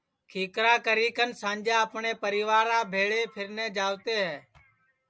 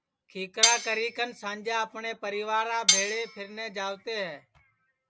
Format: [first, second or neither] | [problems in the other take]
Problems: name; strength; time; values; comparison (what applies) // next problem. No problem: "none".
first | background sound (Cutlery, silverware); 2 dB above the speech